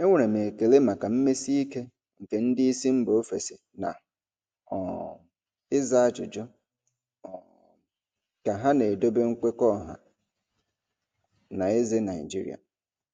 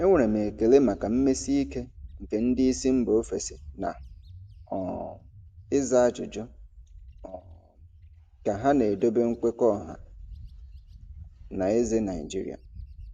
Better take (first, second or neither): first